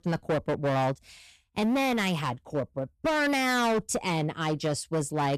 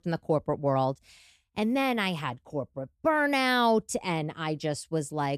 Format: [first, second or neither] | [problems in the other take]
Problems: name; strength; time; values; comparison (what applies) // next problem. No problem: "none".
second | distortion; heavy; 16% of the sound clipped